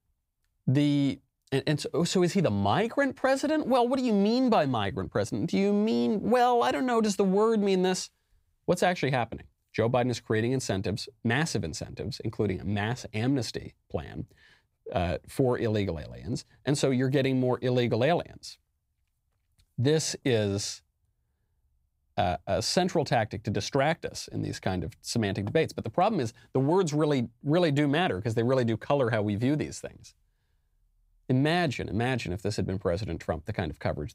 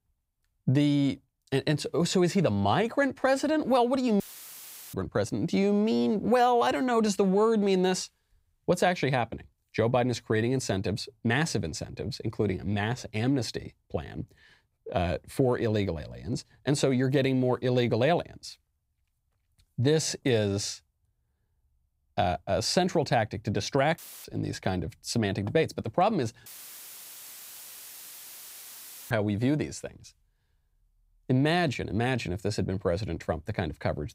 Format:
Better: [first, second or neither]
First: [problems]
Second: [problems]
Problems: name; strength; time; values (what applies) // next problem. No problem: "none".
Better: first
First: none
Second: audio cutting out; filled with static; at 4 s for 0.5 s, at 24 s and at 26 s for 2.5 s